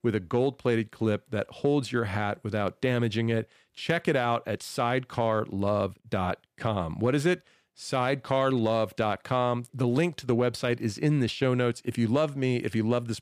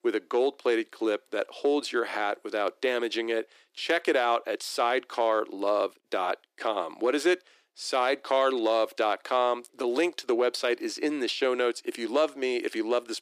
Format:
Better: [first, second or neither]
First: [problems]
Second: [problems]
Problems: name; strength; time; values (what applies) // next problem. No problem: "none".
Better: first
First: none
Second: thin; somewhat; fading below 300 Hz